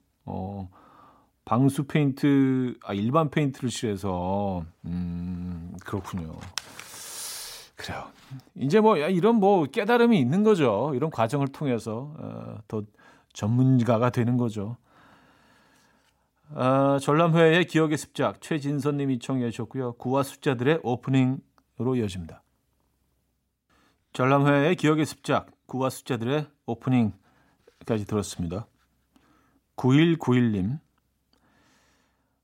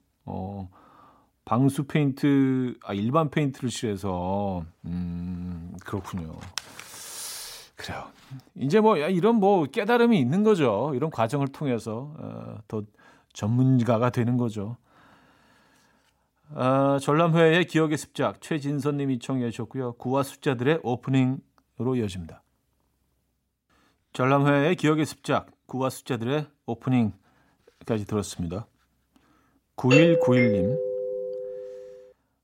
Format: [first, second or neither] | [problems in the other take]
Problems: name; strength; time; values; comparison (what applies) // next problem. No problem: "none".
first | doorbell; loud; from 30 to 31 s; peak 5 dB above the speech